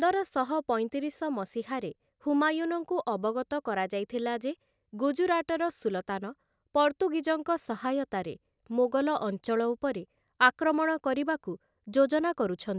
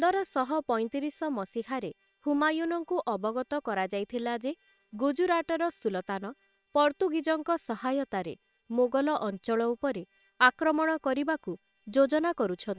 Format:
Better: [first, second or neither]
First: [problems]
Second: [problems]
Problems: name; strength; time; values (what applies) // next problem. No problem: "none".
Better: first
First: none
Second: noise reduction (neural separator model SepFormer WHAM!)